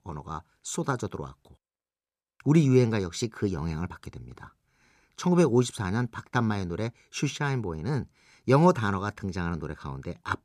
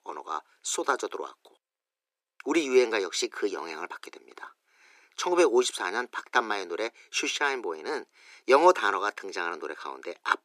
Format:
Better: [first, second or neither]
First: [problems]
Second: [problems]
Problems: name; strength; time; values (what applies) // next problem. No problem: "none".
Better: first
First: none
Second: thin; very; fading below 350 Hz